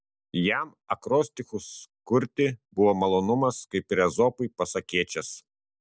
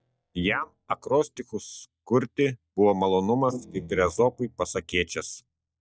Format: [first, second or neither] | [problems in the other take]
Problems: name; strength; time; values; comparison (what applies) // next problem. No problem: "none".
first | noise reduction (neural mask model DeepFilterNet 3)